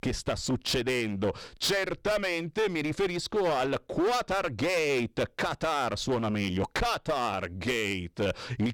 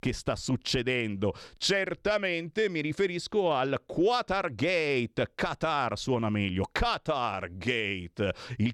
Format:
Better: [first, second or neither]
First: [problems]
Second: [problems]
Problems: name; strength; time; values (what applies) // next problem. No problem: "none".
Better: second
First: distortion; heavy; 16% of the sound clipped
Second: none